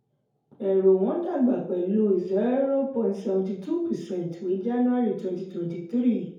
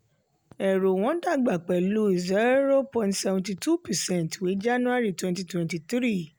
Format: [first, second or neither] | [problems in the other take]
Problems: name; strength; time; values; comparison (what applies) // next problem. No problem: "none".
second | room echo; dies away in 2.3 s